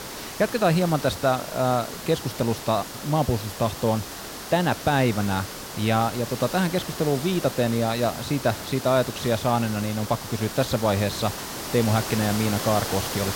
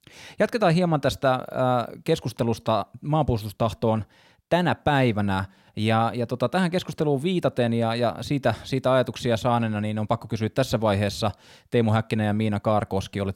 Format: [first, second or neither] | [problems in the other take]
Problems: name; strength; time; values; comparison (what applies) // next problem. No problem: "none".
second | hiss; loud; throughout; 8 dB below the speech